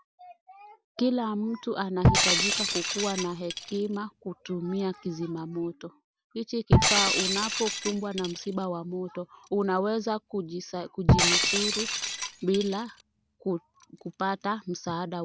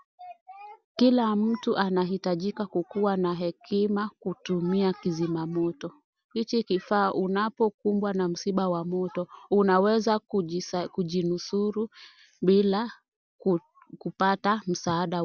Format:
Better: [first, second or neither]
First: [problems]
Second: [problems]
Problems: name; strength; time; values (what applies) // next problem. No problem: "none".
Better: second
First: background sound (Shatter); 3 dB above the speech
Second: none